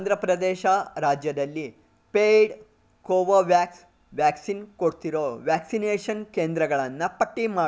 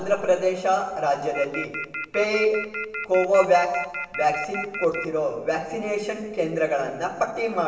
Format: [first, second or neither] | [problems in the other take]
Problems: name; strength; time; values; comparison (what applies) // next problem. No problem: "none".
first | background sound (Telephone); 9 dB below the speech // room echo; dies away in 1.4 s